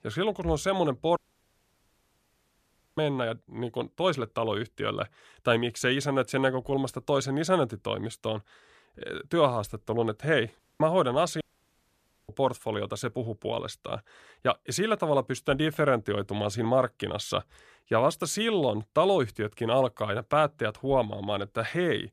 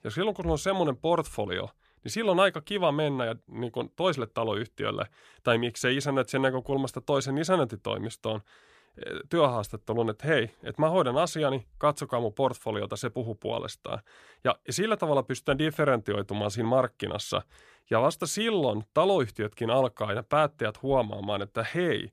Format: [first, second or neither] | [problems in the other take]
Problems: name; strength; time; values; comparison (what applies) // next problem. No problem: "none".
second | audio cutting out; at 1 s for 2 s and at 11 s for 1 s